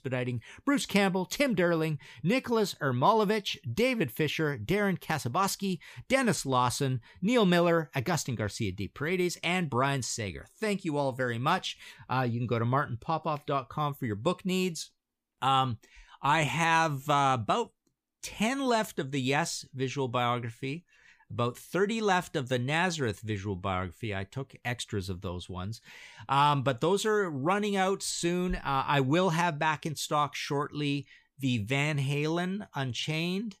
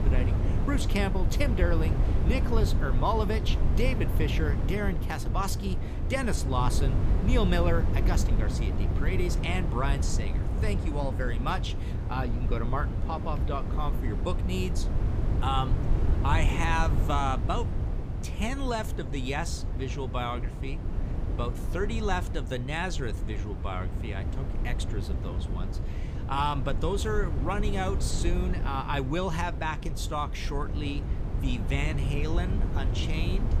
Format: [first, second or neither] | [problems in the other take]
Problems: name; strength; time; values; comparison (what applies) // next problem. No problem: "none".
first | wind noise on the microphone; heavy; 8 dB below the speech